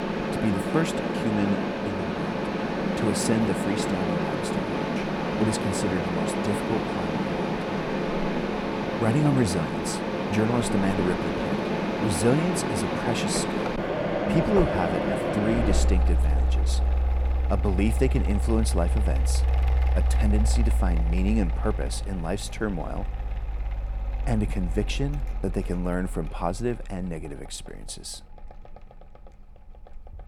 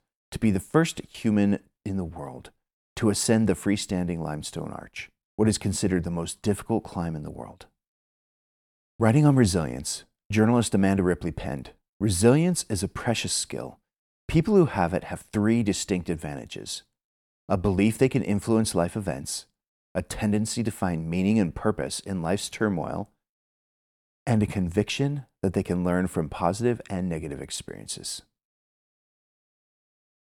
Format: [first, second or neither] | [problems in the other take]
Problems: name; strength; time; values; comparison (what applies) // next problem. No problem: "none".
second | machinery noise; very loud; throughout; 2 dB above the speech